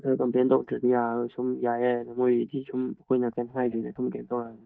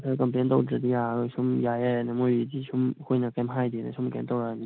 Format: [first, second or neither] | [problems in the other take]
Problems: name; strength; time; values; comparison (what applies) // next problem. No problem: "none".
second | noise reduction (neural mask model DeepFilterNet 3)